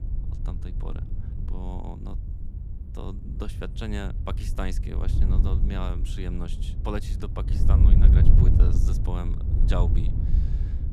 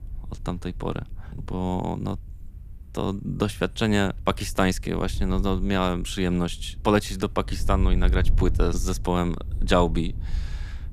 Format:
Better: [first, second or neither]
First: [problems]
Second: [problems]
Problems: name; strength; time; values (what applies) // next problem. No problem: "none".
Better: second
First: wind noise on the microphone; heavy; 2 dB below the speech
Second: wind noise on the microphone; occasional gusts; 20 dB below the speech